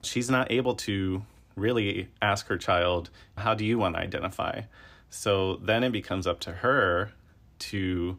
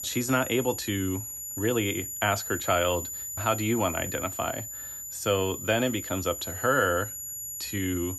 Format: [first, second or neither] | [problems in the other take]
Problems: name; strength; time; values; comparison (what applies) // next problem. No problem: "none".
first | high-pitched whine; loud; throughout; 7 kHz, 6 dB below the speech